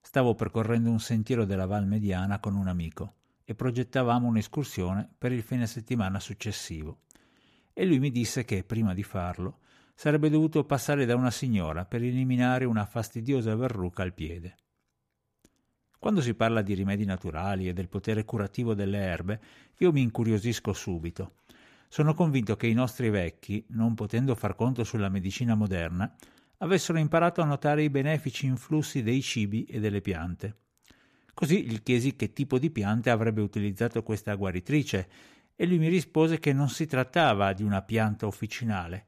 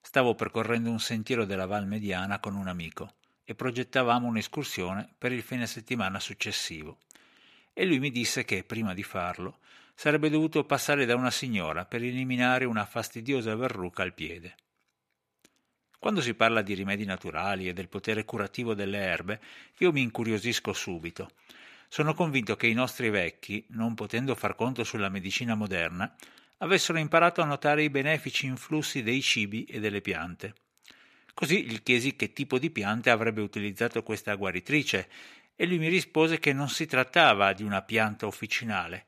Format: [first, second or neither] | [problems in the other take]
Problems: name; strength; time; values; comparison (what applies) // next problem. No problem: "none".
first | thin; very slightly; fading below 400 Hz